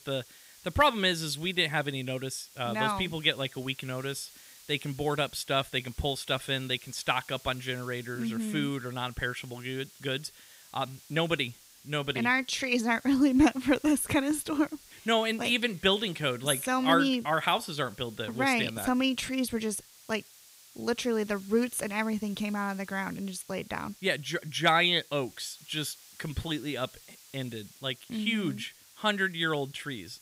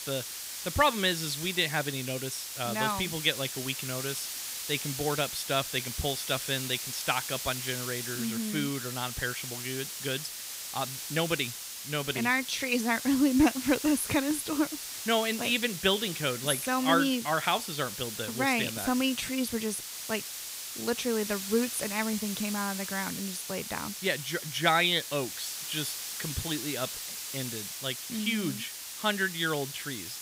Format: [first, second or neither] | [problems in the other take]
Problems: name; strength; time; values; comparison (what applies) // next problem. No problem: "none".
first | hiss; loud; throughout; 6 dB below the speech; faint in the first